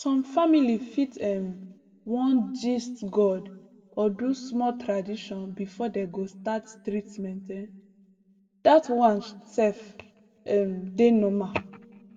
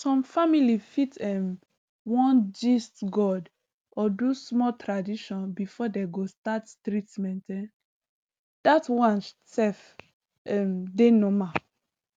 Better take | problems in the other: second | room echo; dies away in 1.1 s

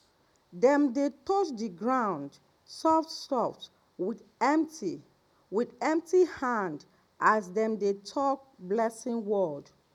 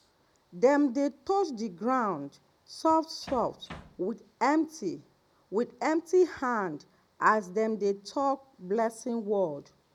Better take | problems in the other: first | background sound (Bass drum); 17 dB below the speech

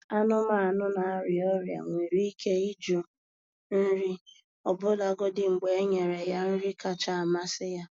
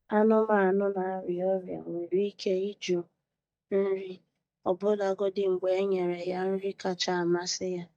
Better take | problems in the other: first | noise reduction (neural mask model DeepFilterNet 3)

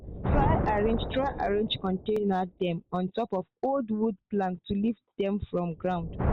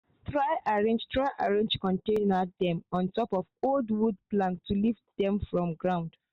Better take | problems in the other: second | background sound (Thunder); 4 dB below the speech

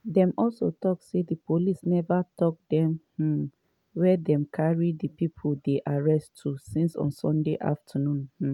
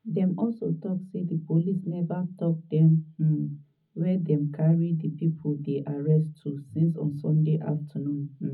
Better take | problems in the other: first | room echo; dies away in 0.4 s

